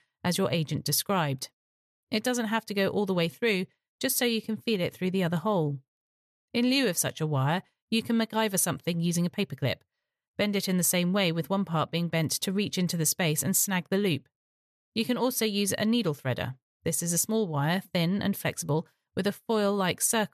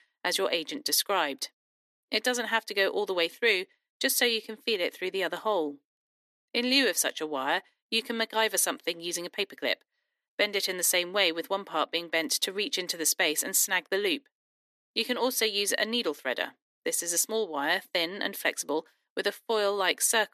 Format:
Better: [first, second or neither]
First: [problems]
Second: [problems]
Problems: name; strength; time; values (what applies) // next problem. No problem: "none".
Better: first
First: none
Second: thin; somewhat; fading below 300 Hz